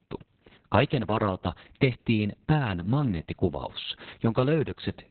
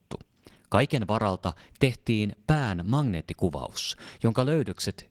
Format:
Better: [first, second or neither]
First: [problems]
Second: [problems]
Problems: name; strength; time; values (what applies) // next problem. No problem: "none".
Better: second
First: garbled, watery; badly; nothing above 4 kHz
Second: garbled, watery; slightly